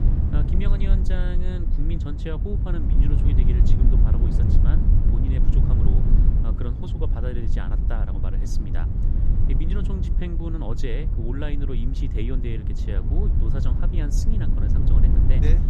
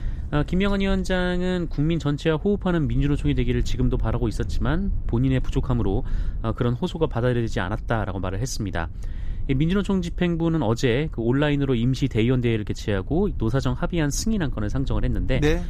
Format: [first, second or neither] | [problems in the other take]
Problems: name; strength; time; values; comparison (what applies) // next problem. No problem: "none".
second | low rumble; loud; throughout; as loud as the speech; faint in the second